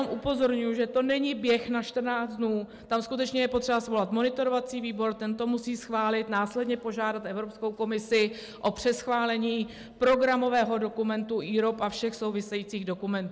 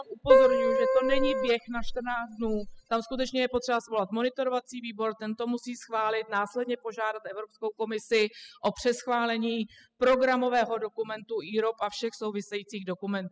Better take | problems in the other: first | noise reduction (classical method spectral subtraction)

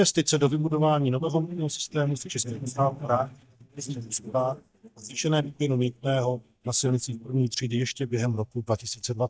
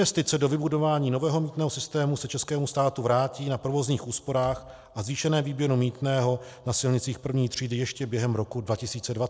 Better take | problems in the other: second | noise reduction (neural mask model DeepFilterNet 3)

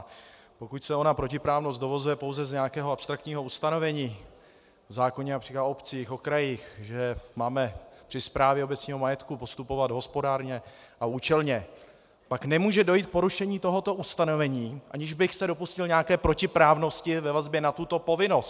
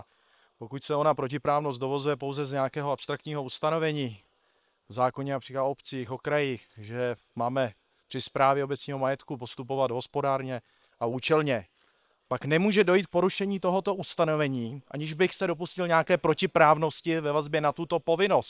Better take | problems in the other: first | noise reduction (neural separator model SepFormer WHAM!)

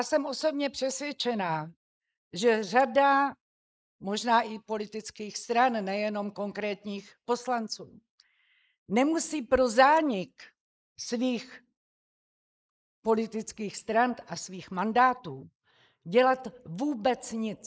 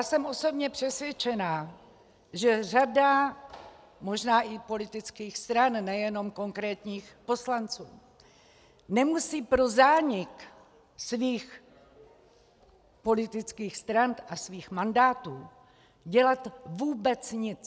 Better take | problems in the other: second | noise reduction (neural mask model Resemble Enhance denoiser)

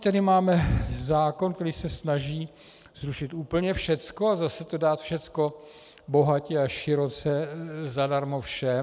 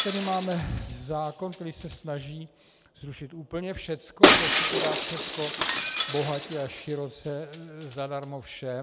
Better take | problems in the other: first | background sound (Shatter); 4 dB above the speech

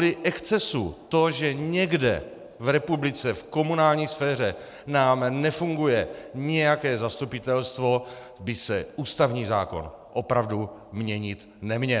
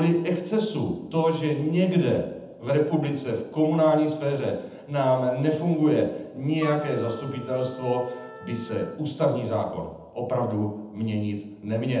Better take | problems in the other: first | background sound (Wind instrument, woodwind instrument); 16 dB below the speech // room echo; dies away in 0.8 s

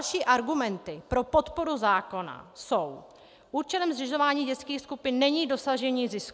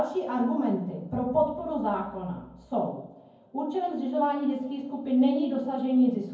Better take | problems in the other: first | room echo; dies away in 0.9 s

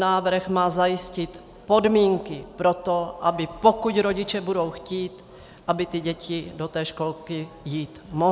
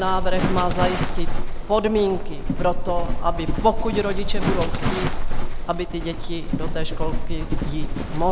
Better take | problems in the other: first | background sound (Livestock, farm animals, working animals); 5 dB above the speech

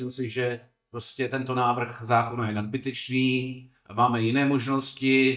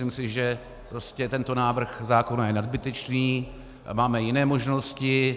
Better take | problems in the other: second | noise reduction (neural mask model DeepFilterNet 3)

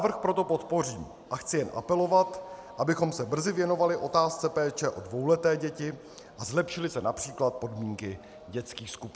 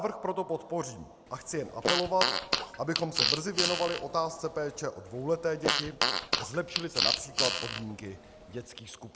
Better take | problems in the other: first | background sound (Fart); 1 dB above the speech

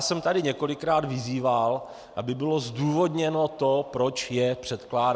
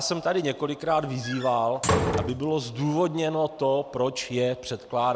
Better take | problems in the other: first | background sound (Slam); 3 dB below the speech

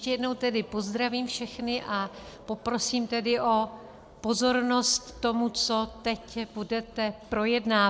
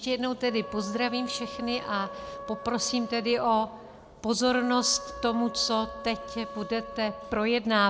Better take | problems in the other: first | background sound (Wind instrument, woodwind instrument); 13 dB below the speech

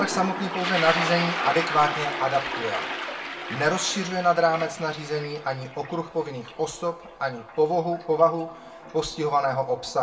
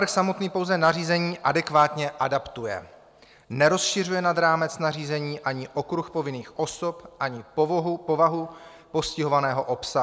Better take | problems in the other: second | background sound (Toilet flush); 7 dB below the speech // room echo; dies away in 0.2 s

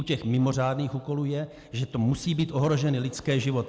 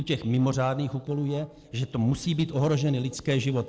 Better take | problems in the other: first | noise reduction (neural separator model SepFormer DNS4)

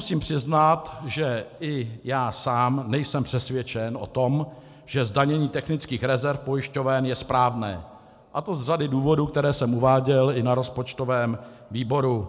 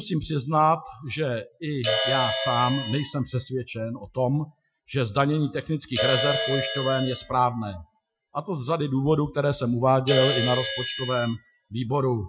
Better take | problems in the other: first | noise reduction (classical method Wiener filter)

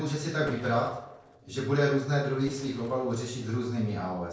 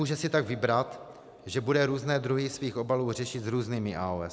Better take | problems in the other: second | noise reduction (neural separator model SepFormer DNS4)

